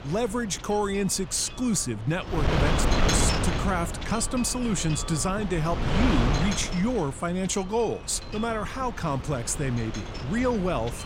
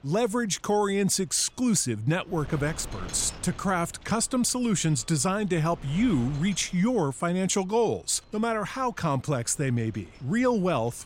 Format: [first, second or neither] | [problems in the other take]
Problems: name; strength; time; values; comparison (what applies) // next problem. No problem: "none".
second | wind noise on the microphone; heavy; 3 dB below the speech; occasional gusts in the second